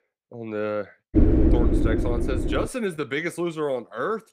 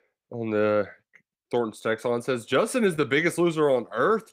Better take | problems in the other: second | wind noise on the microphone; heavy; from 1 to 2.5 s; 1 dB above the speech

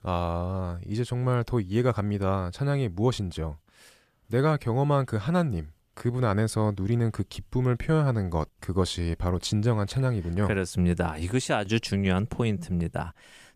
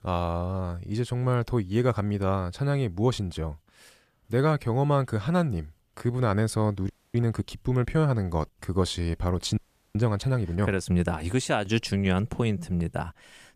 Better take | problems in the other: first | audio freezing; at 7 s and at 9.5 s

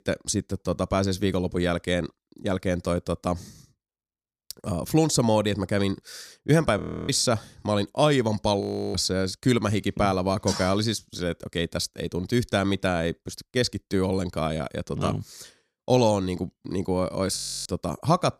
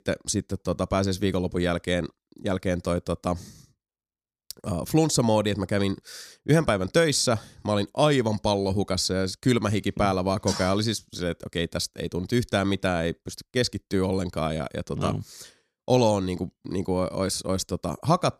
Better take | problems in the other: second | audio freezing; at 7 s, at 8.5 s and at 17 s

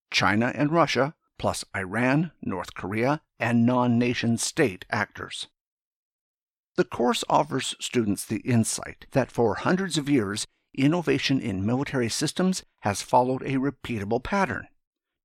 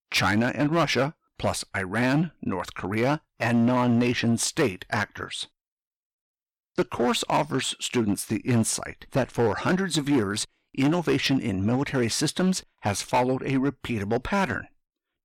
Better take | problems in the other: first | distortion; slight; 6% of the sound clipped

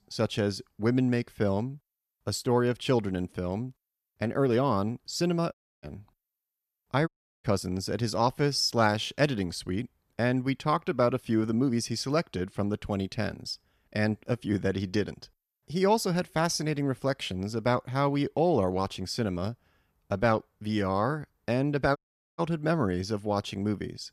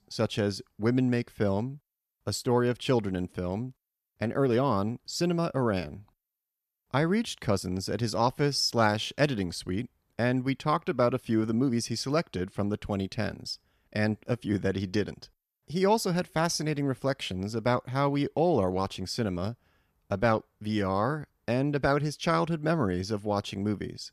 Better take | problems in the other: second | audio cutting out; at 5.5 s, at 7 s and at 22 s

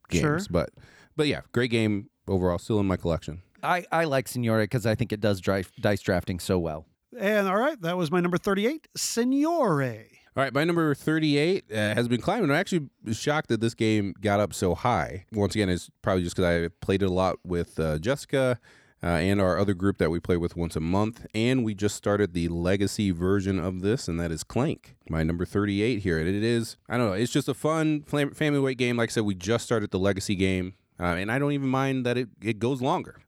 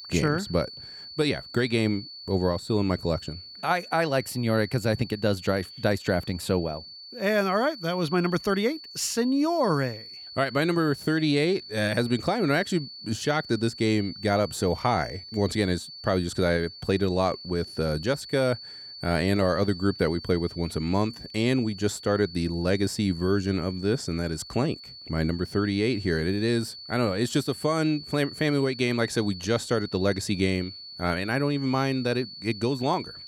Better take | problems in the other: first | high-pitched whine; noticeable; throughout; 4.5 kHz, 15 dB below the speech

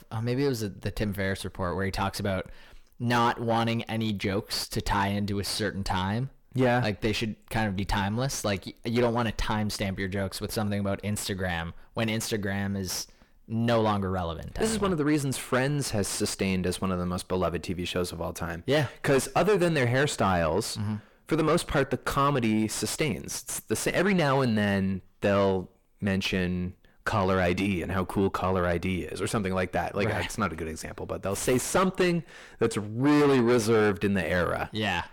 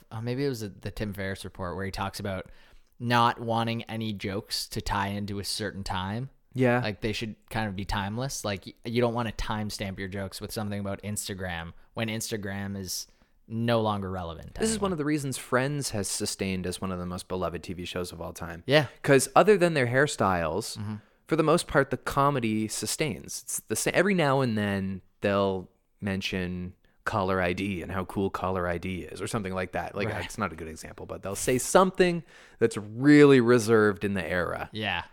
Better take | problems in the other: second | distortion; heavy; 6 dB below the speech

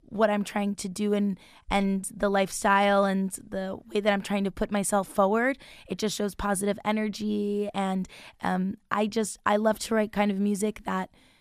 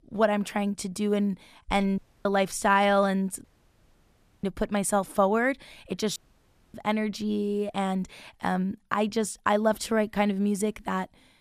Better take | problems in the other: first | audio cutting out; at 2 s, at 3.5 s for 1 s and at 6 s for 0.5 s

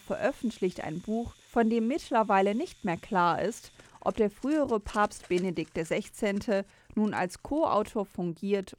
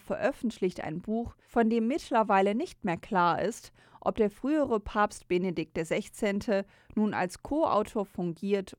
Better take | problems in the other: second | household noises; faint; throughout; 25 dB below the speech

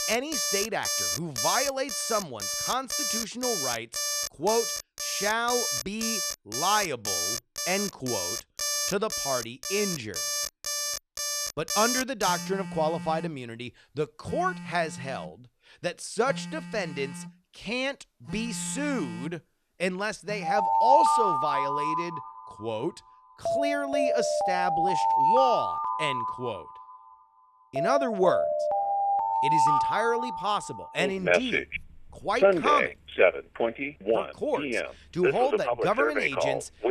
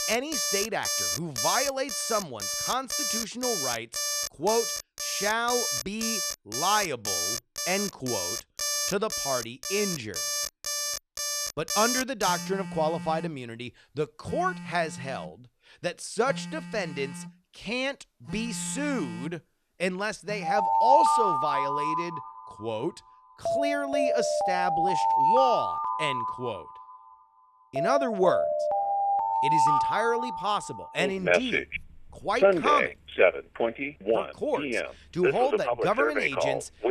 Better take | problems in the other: neither | alarms or sirens; very loud; throughout; 2 dB above the speech; the same in both

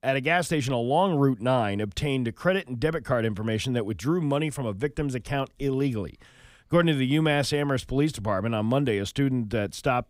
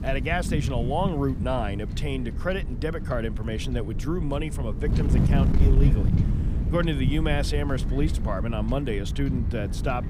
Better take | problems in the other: first | wind noise on the microphone; heavy; 8 dB below the speech

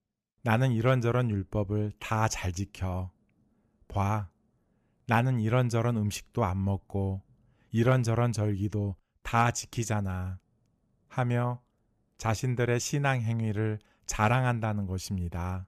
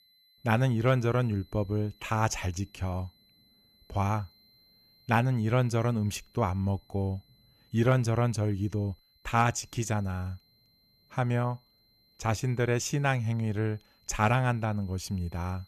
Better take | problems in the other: first | high-pitched whine; faint; throughout; 4 kHz, 30 dB below the speech

